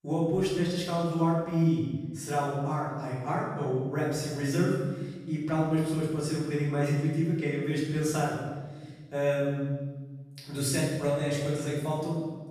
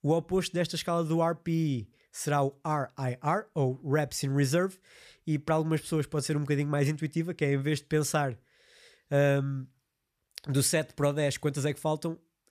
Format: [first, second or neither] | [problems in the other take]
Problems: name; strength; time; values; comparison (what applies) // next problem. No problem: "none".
second | off-mic speech; far // room echo; strong; dies away in 1.2 s